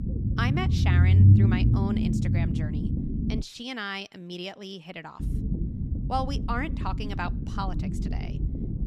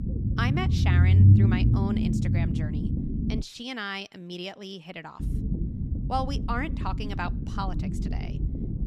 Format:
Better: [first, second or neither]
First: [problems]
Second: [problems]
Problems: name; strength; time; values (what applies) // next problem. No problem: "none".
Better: neither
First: low rumble; loud; until 3.5 s and from 5 s on; 3 dB below the speech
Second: low rumble; loud; until 3.5 s and from 5 s on; 3 dB below the speech